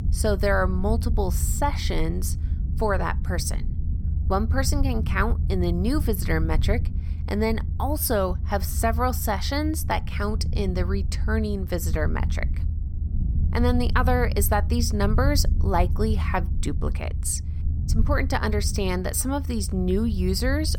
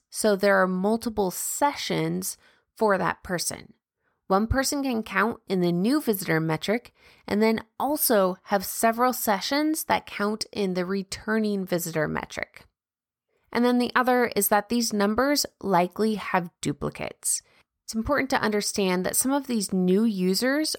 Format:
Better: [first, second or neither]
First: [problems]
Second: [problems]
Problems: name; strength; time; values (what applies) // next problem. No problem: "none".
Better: second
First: low rumble; noticeable; throughout; 15 dB below the speech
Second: none